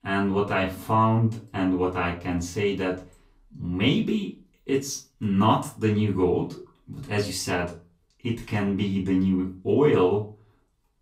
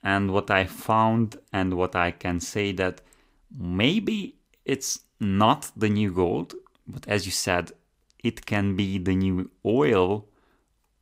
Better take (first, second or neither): second